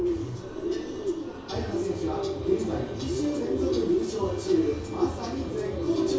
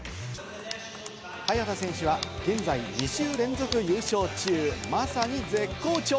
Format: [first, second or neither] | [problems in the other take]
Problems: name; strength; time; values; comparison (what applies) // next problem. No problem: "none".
second | background sound (Bird); 2 dB below the speech // room echo; dies away in 0.6 s